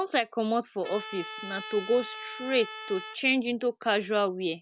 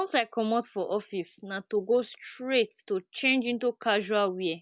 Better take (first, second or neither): second